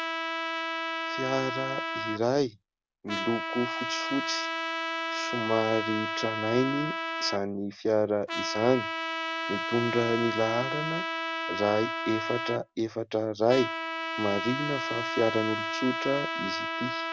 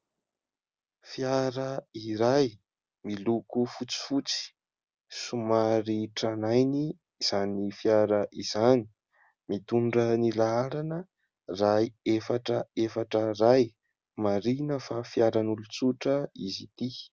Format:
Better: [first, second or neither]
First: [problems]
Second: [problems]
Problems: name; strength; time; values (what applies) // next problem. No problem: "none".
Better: second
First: background sound (Trumpet); 3 dB below the speech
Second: none